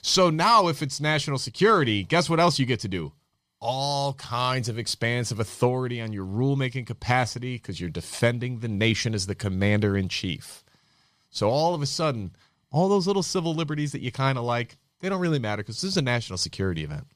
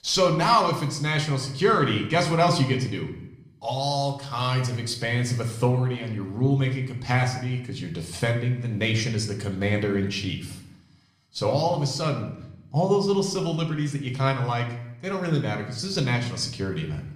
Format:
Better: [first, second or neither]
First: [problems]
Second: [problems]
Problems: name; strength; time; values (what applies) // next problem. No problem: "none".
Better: first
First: none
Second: room echo; slight; dies away in 0.6 s // off-mic speech; somewhat distant